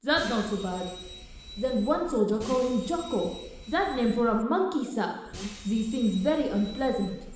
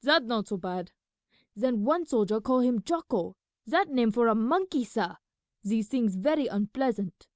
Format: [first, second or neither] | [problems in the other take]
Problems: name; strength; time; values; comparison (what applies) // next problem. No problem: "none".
second | background sound (Bus); 14 dB below the speech // room echo; dies away in 1.1 s